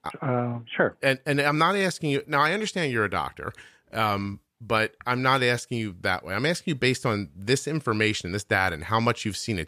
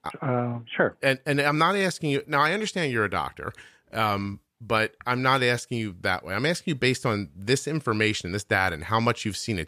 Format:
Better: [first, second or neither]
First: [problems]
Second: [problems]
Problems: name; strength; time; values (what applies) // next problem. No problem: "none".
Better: neither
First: none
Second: none